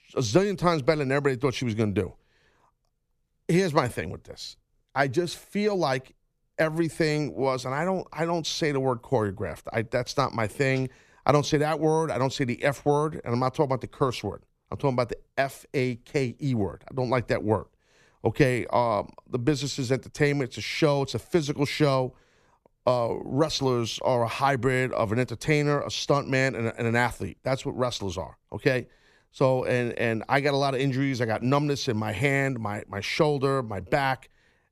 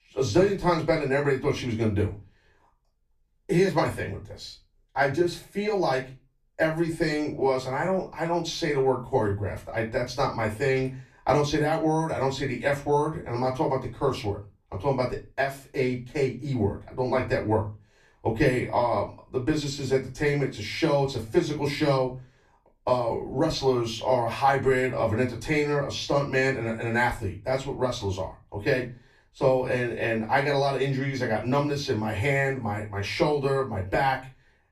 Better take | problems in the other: first | off-mic speech; far // room echo; very slight; dies away in 0.2 s

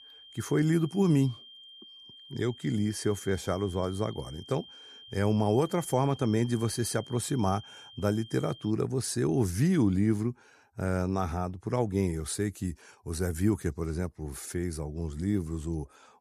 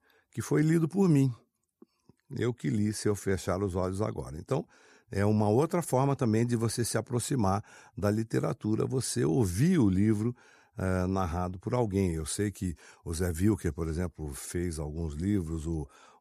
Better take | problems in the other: second | high-pitched whine; noticeable; until 8.5 s; 3 kHz, 20 dB below the speech

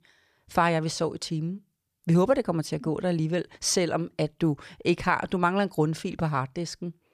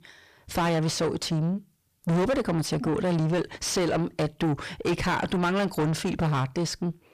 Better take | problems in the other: first | distortion; heavy; 6 dB below the speech

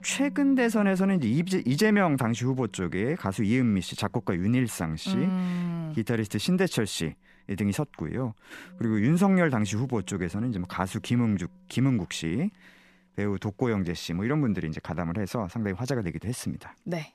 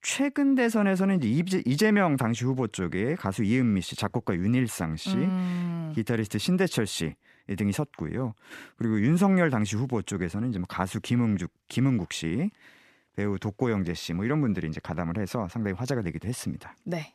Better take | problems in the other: second | background music; faint; throughout; 20 dB below the speech

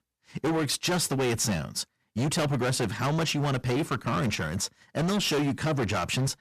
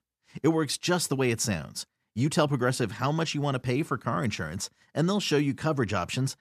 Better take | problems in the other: second | distortion; heavy; 23% of the sound clipped

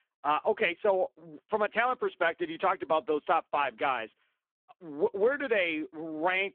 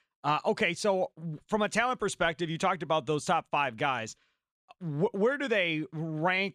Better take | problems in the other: second | phone-call audio; poor line

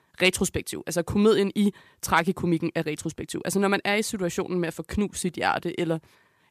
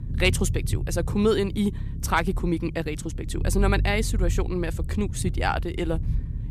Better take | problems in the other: first | low rumble; noticeable; throughout; 15 dB below the speech

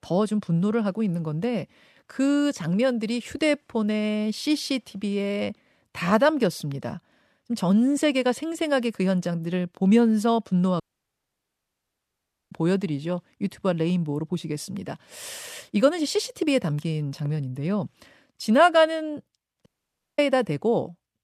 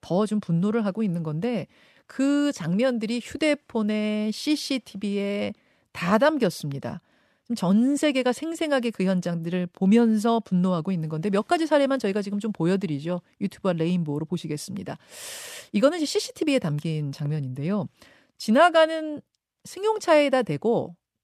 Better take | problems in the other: second | audio cutting out; at 11 s for 1.5 s and at 20 s for 0.5 s

